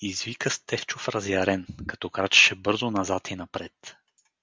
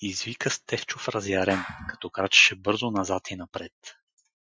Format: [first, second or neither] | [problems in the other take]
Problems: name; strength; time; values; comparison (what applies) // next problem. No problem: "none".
first | noise reduction (classical method Wiener filter)